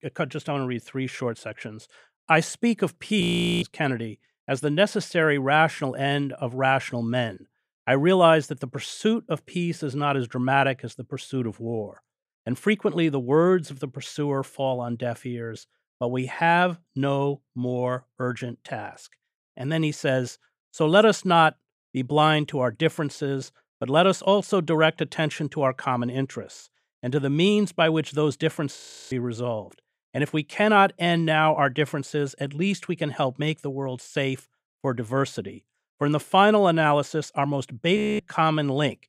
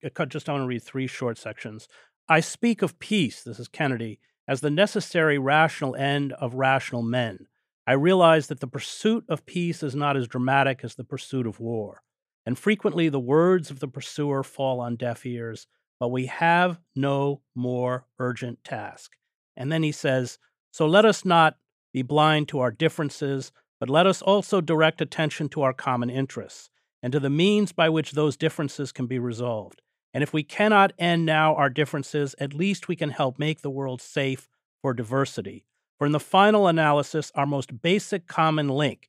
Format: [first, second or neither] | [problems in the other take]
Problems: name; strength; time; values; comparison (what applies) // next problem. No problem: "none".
second | audio freezing; at 3 s, at 29 s and at 38 s